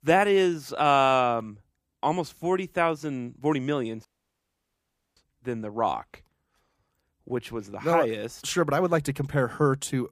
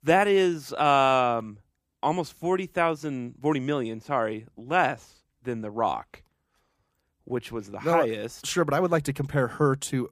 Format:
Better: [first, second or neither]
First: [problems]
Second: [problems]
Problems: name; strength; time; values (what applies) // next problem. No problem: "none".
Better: second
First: audio cutting out; at 4 s for 1 s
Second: none